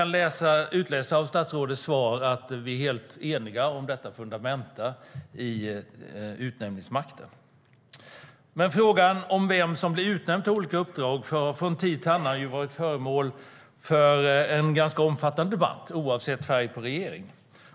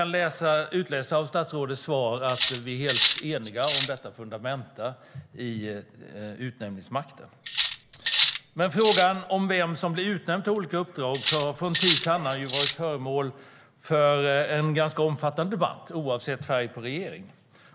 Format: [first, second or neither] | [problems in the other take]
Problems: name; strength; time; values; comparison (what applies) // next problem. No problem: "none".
first | background sound (Cutlery, silverware); 2 dB below the speech